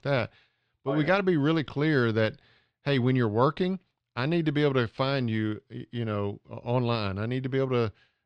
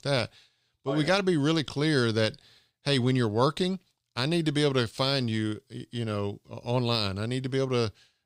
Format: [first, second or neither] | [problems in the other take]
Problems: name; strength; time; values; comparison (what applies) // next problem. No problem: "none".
second | muffled; slightly; fading above 2 kHz